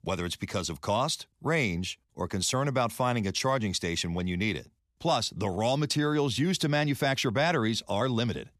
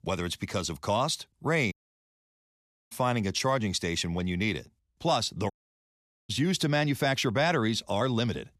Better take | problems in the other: first | audio cutting out; at 1.5 s for 1 s and at 5.5 s for 1 s

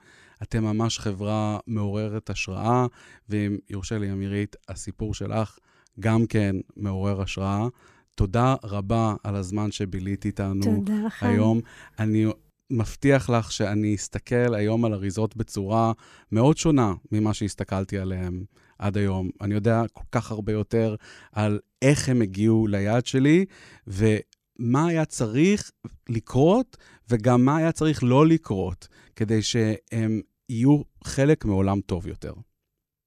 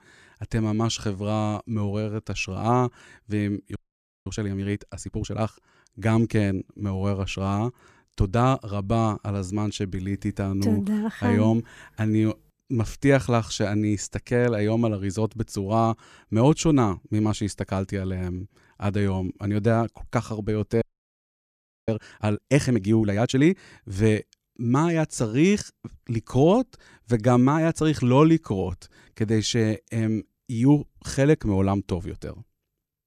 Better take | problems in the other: first | audio freezing; at 4 s for 0.5 s and at 21 s for 1 s

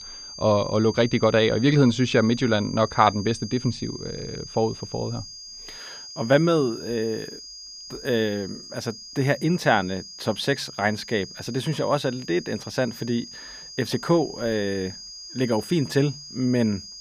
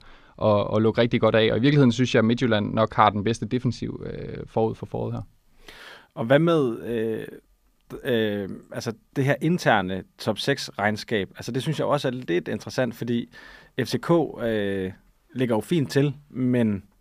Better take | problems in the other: second | high-pitched whine; noticeable; throughout; 5 kHz, 15 dB below the speech

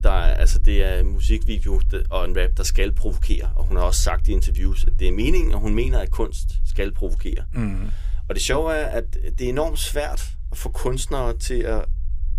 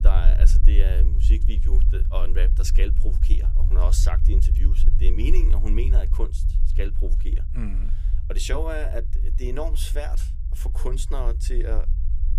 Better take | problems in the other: first | low rumble; loud; throughout; 10 dB below the speech; faint in the first

